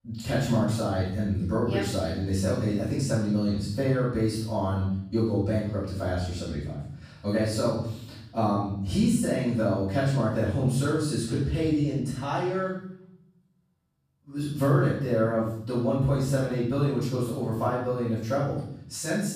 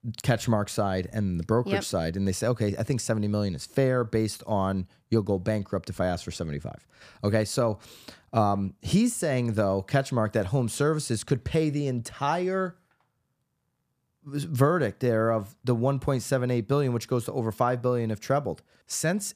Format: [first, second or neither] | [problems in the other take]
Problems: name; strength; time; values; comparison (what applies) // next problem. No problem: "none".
second | room echo; strong; dies away in 0.8 s // off-mic speech; far